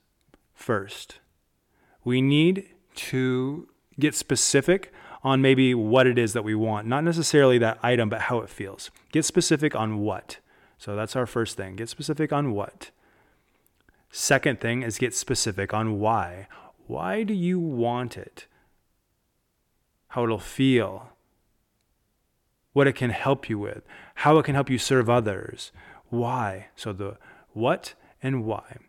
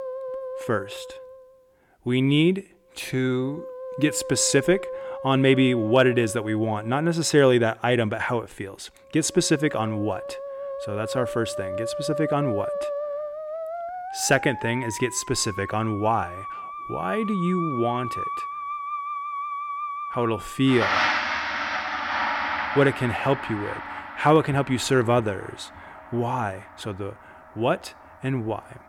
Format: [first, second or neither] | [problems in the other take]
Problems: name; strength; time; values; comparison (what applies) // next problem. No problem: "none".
first | background music; loud; throughout; 7 dB below the speech